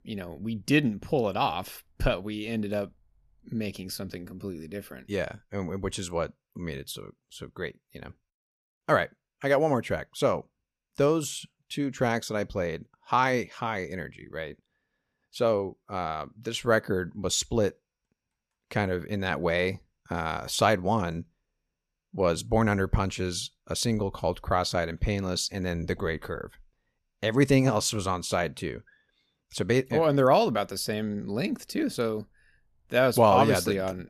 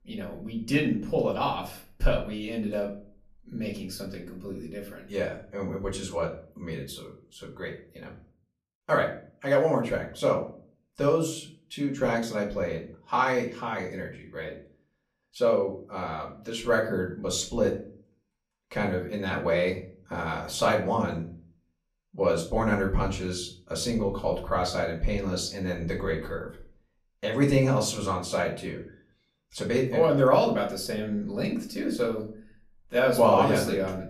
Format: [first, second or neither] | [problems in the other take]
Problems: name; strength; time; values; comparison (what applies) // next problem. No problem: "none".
first | room echo; slight; dies away in 0.4 s // off-mic speech; far